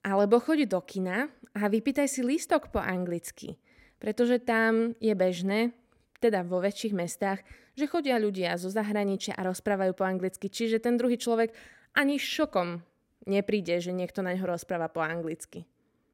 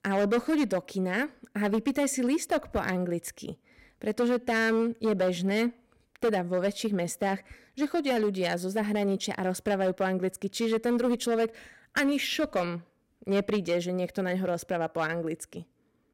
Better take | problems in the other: first | distortion; slight; 7% of the sound clipped

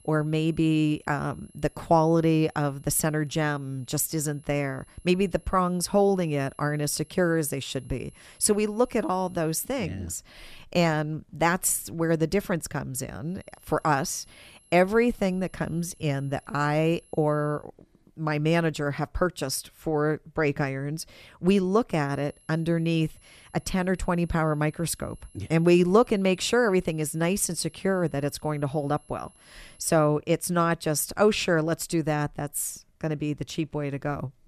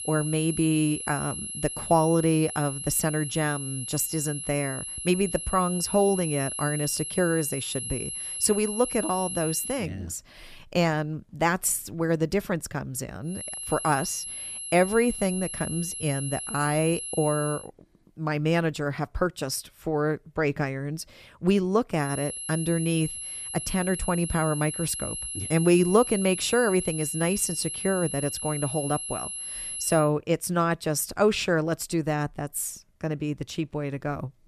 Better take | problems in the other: first | high-pitched whine; loud; until 10 s, from 13 to 18 s and from 22 to 30 s; 11 kHz, 6 dB below the speech; faint in the first

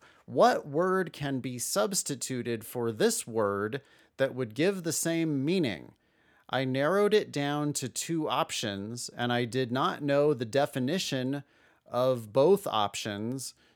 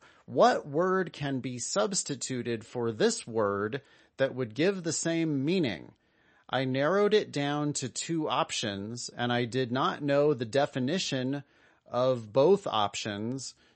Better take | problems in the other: first | garbled, watery; slightly; nothing above 8 kHz

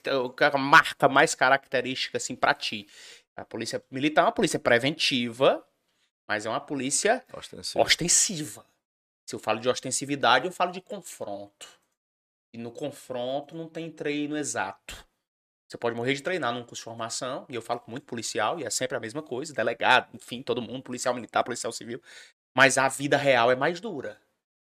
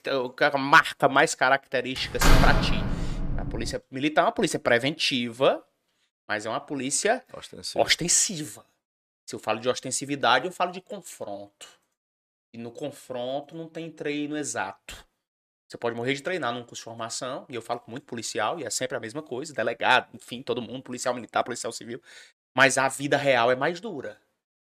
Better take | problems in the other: first | door banging; loud; from 2 to 3.5 s; peak 5 dB above the speech

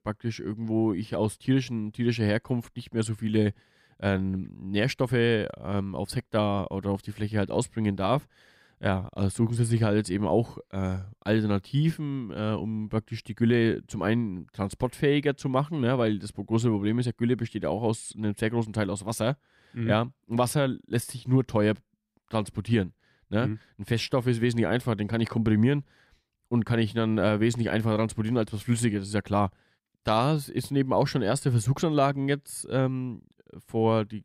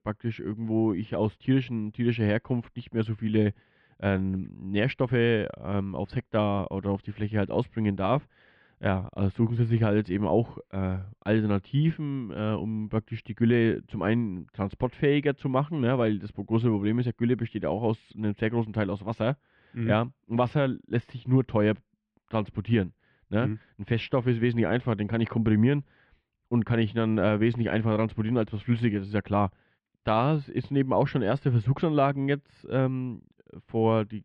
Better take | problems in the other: first | muffled; very; fading above 3 kHz

